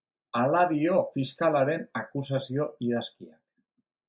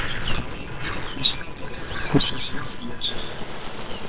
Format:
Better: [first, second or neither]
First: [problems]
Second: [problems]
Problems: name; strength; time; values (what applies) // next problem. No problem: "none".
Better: first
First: none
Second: noise reduction (neural separator model SepFormer WHAMR!)